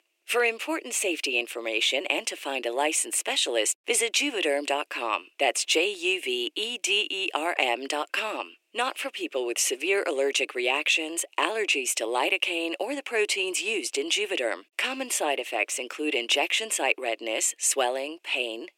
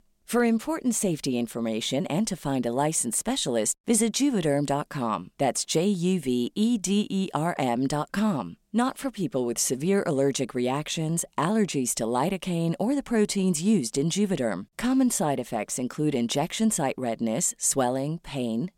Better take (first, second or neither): second